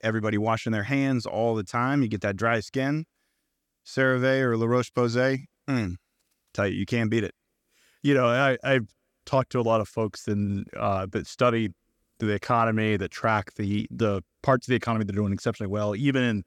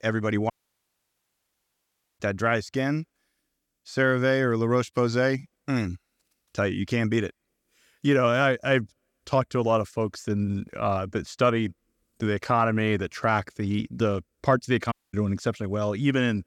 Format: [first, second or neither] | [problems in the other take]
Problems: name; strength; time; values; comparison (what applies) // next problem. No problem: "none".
first | audio cutting out; at 0.5 s for 1.5 s and at 15 s